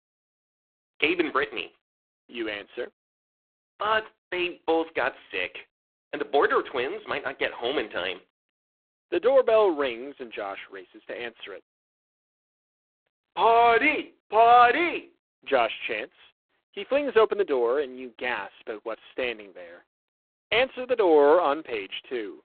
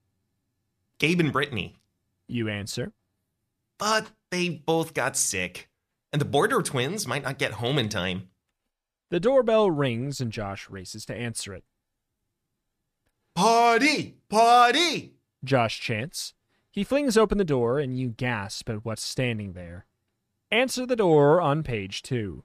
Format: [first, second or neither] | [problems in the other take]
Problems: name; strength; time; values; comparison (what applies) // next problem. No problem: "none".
second | phone-call audio; poor line